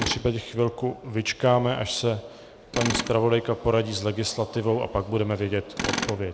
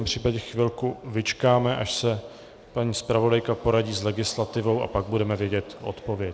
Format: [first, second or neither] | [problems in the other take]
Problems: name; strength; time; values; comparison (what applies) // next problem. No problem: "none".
second | background sound (Tools); 10 dB below the speech